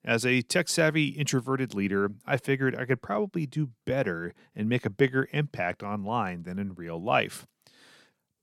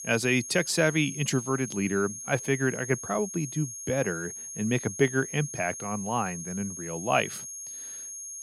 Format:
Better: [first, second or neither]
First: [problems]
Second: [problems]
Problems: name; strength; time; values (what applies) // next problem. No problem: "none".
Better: first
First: none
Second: high-pitched whine; loud; throughout; 6.5 kHz, 8 dB below the speech